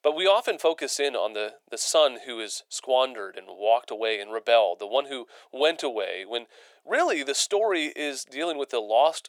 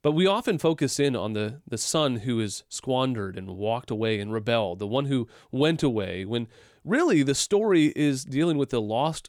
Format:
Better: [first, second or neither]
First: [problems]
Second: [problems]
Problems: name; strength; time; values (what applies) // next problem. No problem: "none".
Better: second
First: thin; very; fading below 450 Hz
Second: none